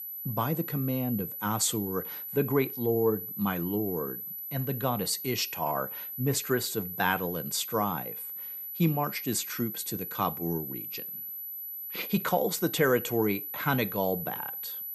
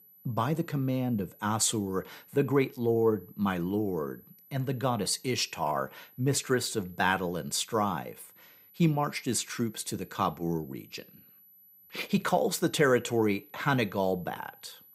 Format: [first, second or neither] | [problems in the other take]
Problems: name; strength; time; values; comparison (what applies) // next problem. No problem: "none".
second | high-pitched whine; loud; throughout; 12 kHz, 5 dB below the speech; faint in the second